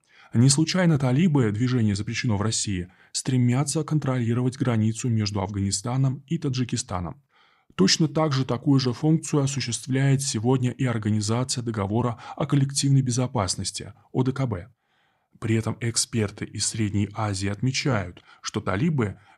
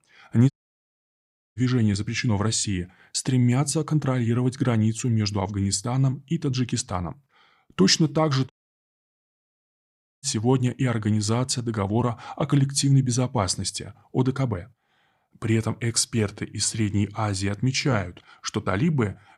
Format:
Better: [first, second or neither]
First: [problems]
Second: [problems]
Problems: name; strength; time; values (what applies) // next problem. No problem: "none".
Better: first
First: none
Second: audio cutting out; at 0.5 s for 1 s and at 8.5 s for 1.5 s